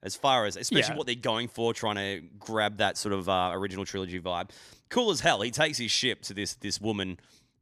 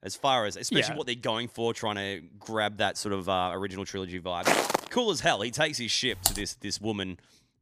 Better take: first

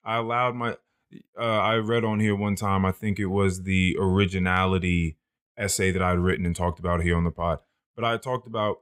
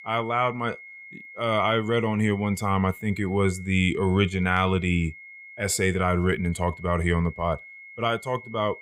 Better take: first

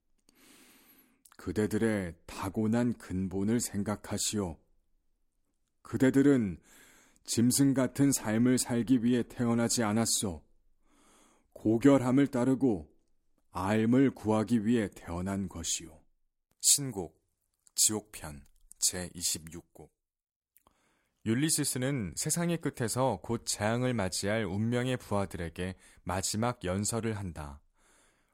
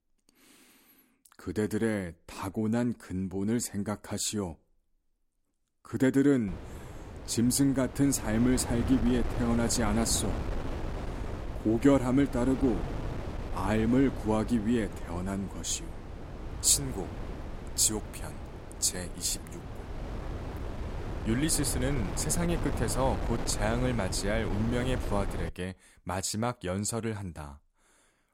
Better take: first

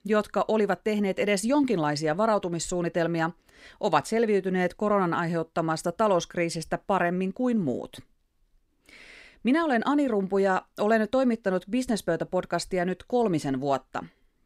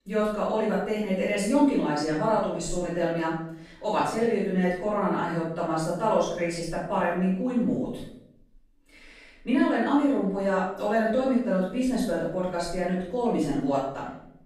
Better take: first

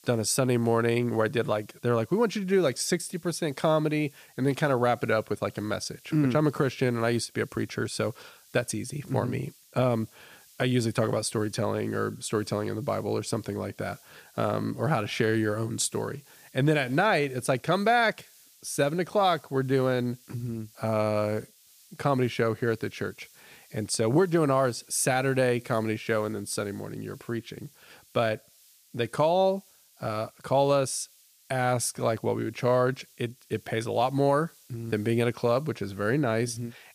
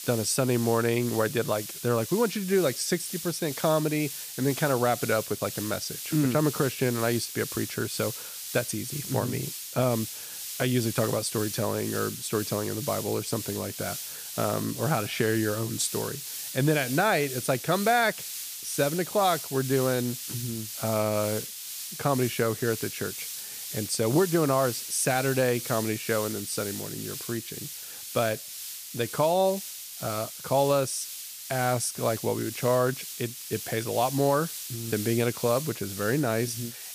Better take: first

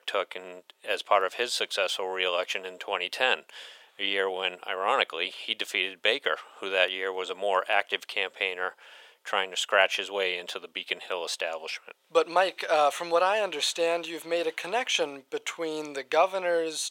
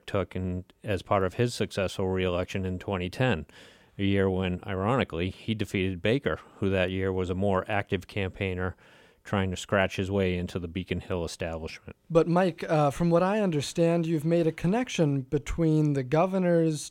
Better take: second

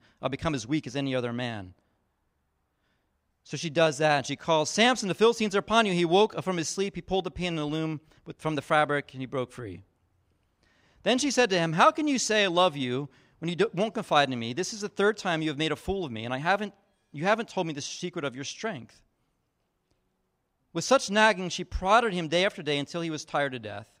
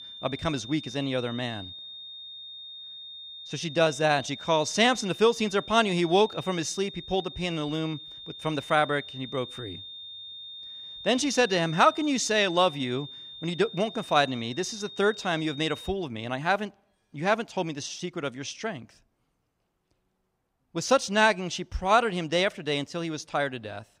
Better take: first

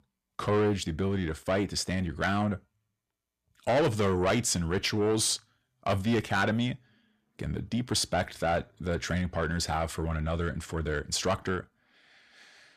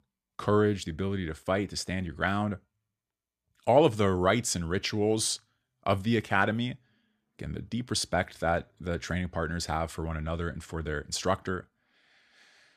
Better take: second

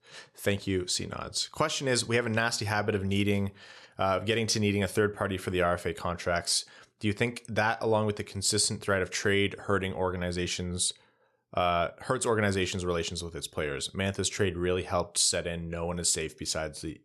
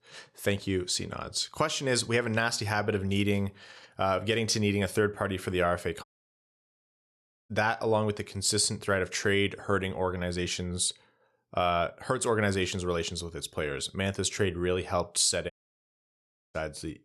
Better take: first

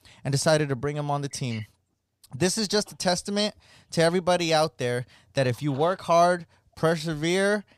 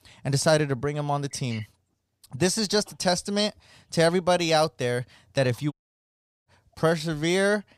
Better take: first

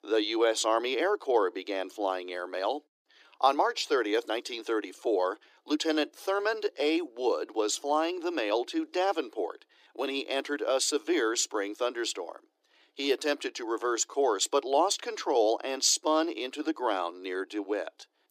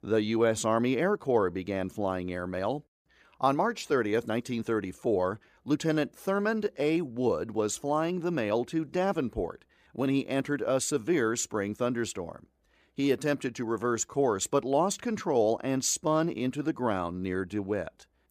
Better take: second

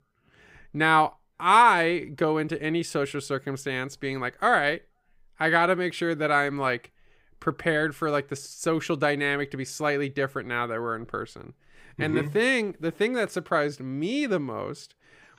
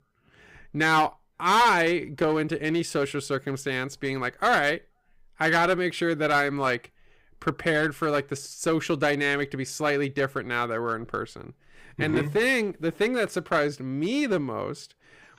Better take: first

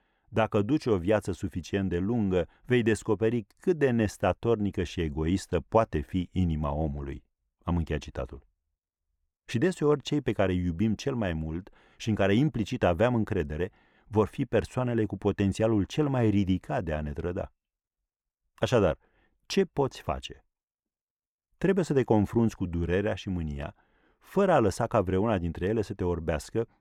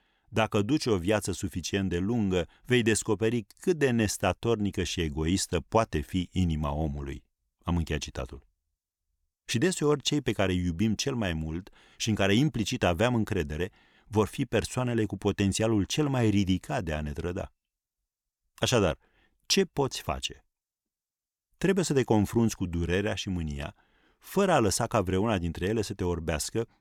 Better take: second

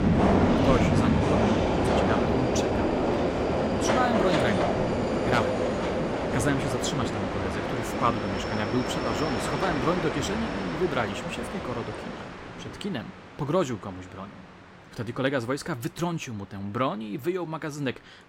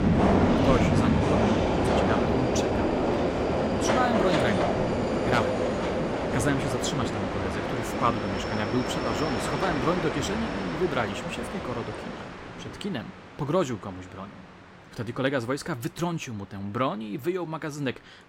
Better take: neither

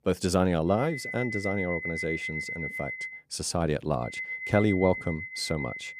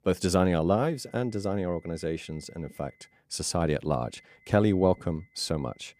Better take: second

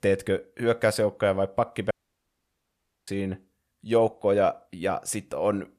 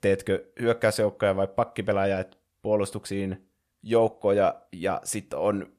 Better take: second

